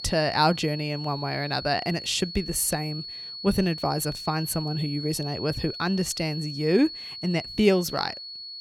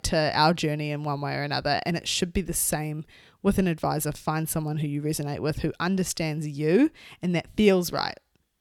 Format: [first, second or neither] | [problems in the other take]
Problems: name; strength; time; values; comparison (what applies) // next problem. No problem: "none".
second | high-pitched whine; loud; throughout; 4.5 kHz, 9 dB below the speech